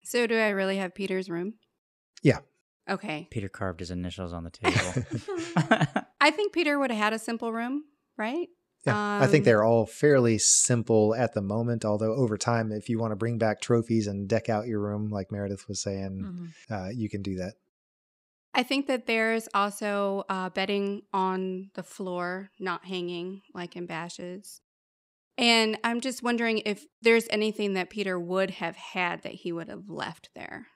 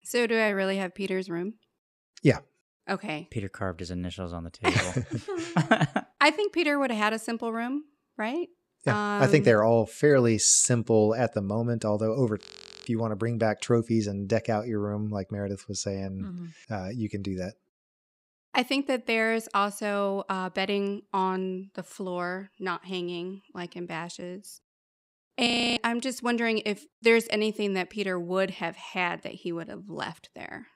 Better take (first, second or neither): first